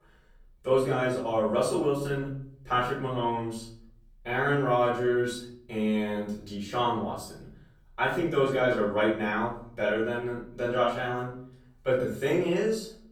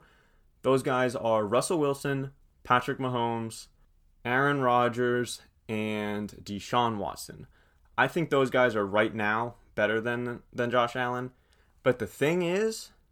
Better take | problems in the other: second | off-mic speech; far // room echo; noticeable; dies away in 0.5 s

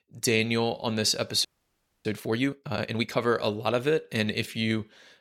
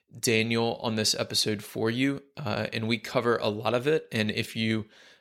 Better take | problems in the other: second | audio freezing; at 1.5 s for 0.5 s

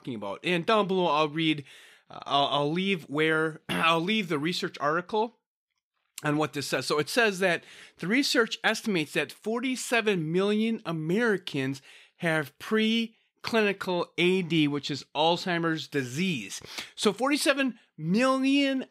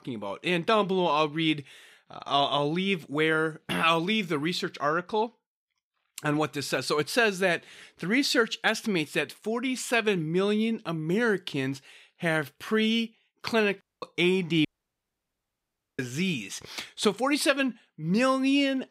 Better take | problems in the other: first | audio cutting out; at 14 s and at 15 s for 1.5 s

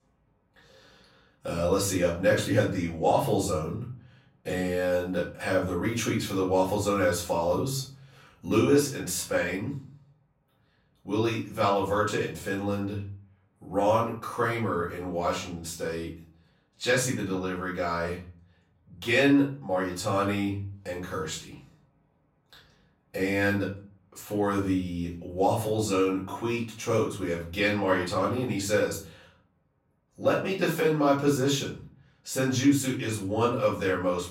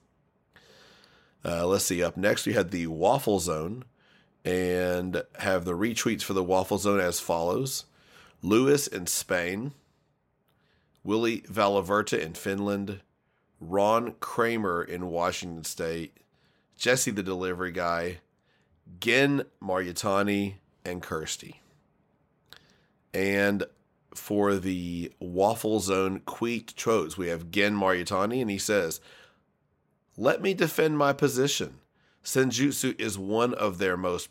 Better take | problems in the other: second | room echo; slight; dies away in 0.5 s // off-mic speech; far

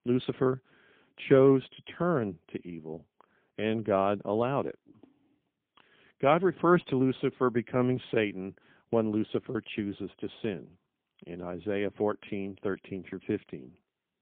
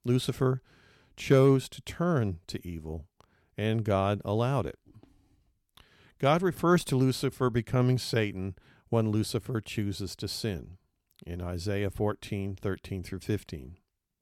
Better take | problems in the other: second | phone-call audio; poor line

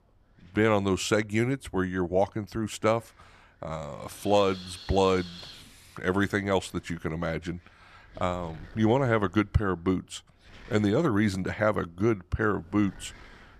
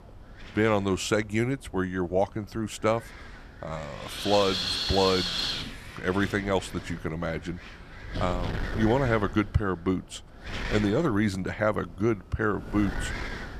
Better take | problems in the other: first | wind noise on the microphone; heavy; 4 dB below the speech; occasional gusts in the first

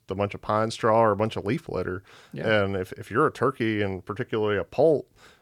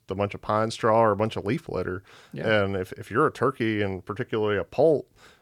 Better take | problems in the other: neither | none

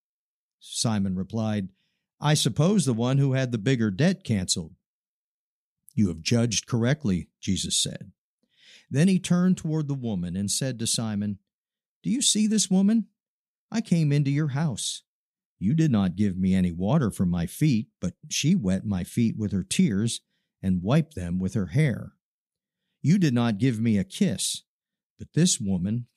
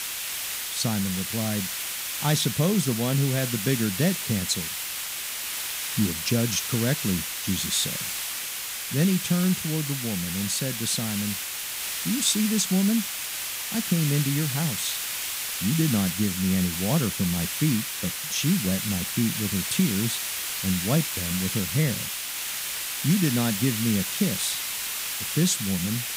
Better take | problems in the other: first | hiss; loud; throughout; 2 dB below the speech

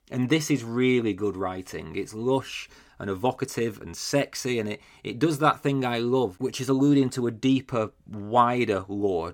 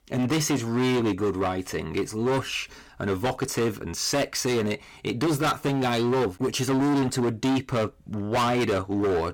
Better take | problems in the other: first | distortion; heavy; 22% of the sound clipped

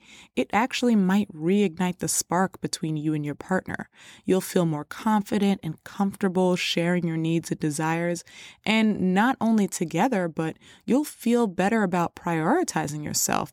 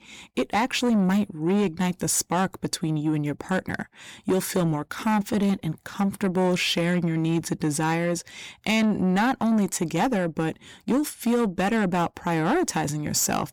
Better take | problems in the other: first | distortion; slight; 10 dB below the speech

